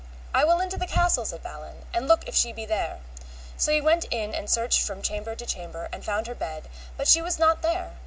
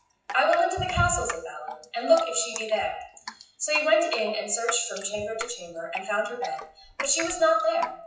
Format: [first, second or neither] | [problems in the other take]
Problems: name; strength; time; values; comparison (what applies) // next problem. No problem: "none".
first | noise reduction (classical method WPE with log-MMSE)